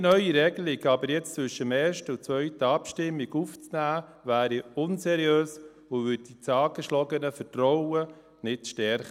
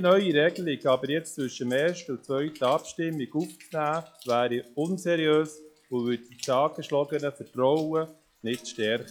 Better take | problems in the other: first | noise reduction (classical method log-MMSE)

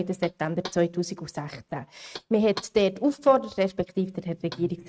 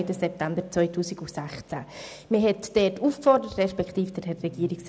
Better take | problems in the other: second | noise reduction (neural mask model RNNoise)

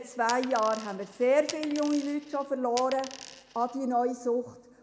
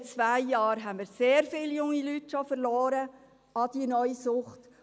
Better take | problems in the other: second | background sound (Coin (dropping)); 15 dB below the speech // room echo; dies away in 1.1 s

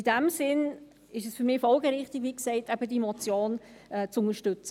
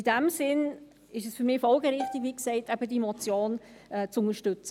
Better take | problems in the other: first | background sound (Bowed string instrument); 11 dB below the speech

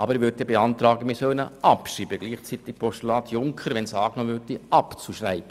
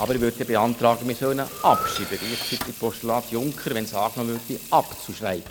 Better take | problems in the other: first | background sound (Sink (filling or washing) / Water tap, faucet + Breathing); 10 dB below the speech

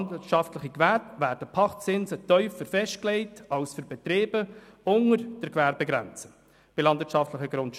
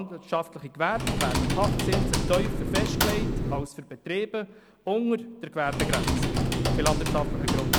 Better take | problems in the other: first | background sound (Typing); 3 dB above the speech

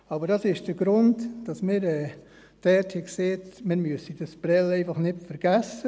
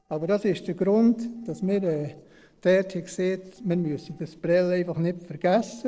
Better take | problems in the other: first | noise reduction (neural separator model SepFormer DNS4)

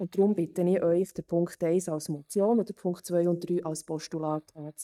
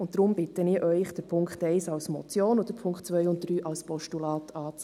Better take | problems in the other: second | noise reduction (neural mask model DeepFilterNet 3)

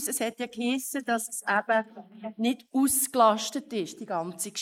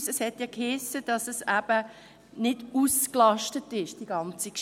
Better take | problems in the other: second | noise reduction (neural mask model Resemble Enhance denoiser)

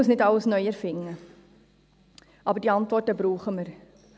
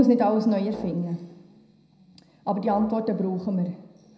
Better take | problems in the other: first | background sound (Brass instrument); 20 dB below the speech // room echo; dies away in 0.8 s

